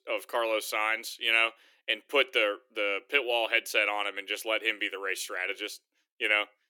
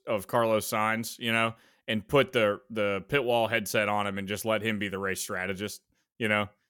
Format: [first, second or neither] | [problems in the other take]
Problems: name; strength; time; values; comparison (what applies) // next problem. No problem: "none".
second | thin; very; fading below 300 Hz